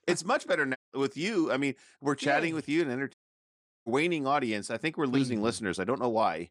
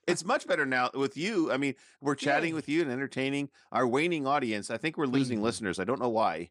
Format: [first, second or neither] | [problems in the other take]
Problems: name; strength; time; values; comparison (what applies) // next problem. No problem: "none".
second | audio cutting out; at 1 s and at 3 s for 0.5 s